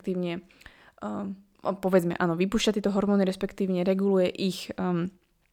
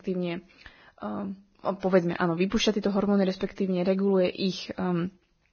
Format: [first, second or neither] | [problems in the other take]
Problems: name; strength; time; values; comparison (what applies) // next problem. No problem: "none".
first | garbled, watery; badly; nothing above 6.5 kHz